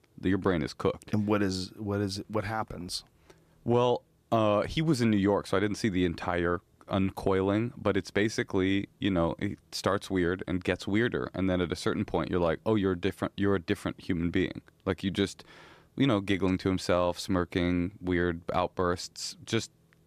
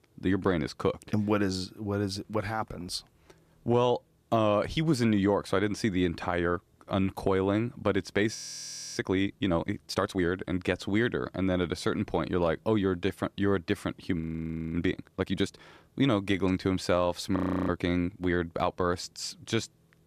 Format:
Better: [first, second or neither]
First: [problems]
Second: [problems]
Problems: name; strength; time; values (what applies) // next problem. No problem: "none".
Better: first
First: none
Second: audio freezing; at 8.5 s for 0.5 s, at 14 s for 0.5 s and at 17 s